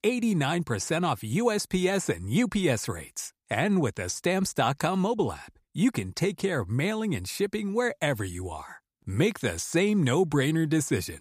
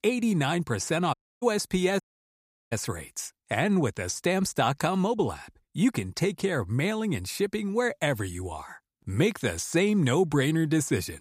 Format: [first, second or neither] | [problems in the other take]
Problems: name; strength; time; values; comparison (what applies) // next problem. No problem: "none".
first | audio cutting out; at 1 s and at 2 s for 0.5 s